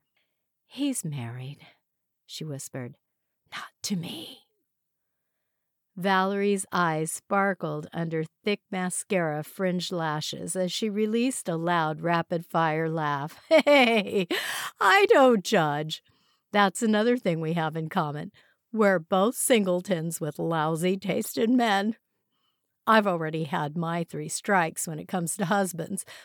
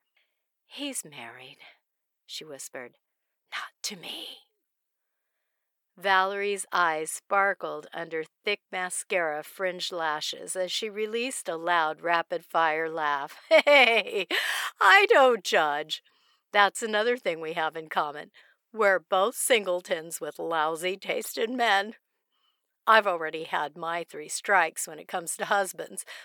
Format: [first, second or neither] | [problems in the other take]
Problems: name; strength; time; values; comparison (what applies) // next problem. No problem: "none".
first | thin; very; fading below 500 Hz